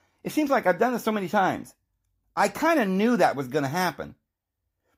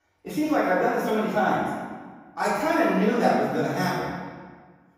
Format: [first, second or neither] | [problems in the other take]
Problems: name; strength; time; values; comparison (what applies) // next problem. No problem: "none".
first | room echo; strong; dies away in 1.3 s // off-mic speech; far